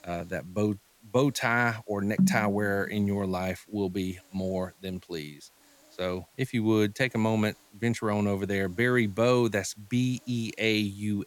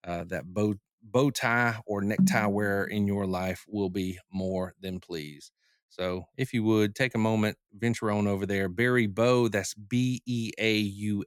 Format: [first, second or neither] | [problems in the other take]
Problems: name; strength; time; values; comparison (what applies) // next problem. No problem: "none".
second | hiss; faint; throughout; 30 dB below the speech